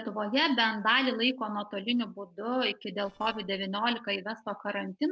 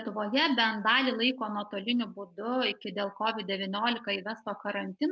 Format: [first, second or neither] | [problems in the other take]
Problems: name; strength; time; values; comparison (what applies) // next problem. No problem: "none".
second | noise reduction (neural separator model SepFormer DNS4)